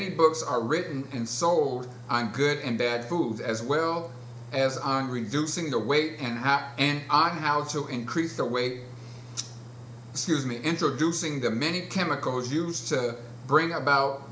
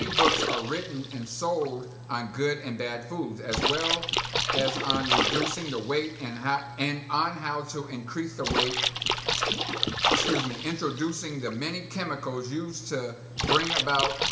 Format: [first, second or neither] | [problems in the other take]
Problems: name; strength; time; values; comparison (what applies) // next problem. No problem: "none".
first | background sound (Splash, splatter); as loud as the speech // room echo; dies away in 1.8 s